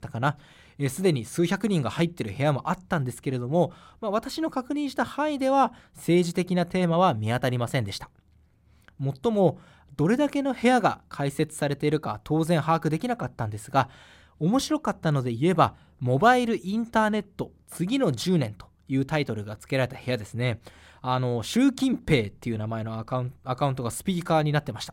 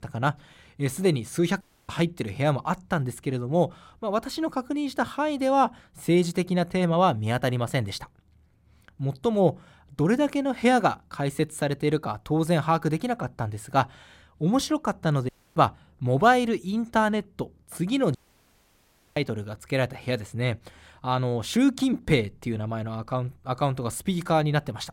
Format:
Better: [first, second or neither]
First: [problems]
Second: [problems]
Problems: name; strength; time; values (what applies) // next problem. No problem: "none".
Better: first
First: none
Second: audio cutting out; at 1.5 s, at 15 s and at 18 s for 1 s